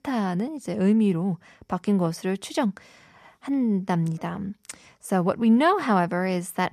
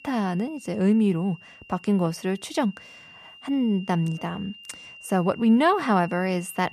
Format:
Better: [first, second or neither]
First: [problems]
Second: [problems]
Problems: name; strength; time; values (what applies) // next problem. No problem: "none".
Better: first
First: none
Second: high-pitched whine; noticeable; throughout; 3 kHz, 20 dB below the speech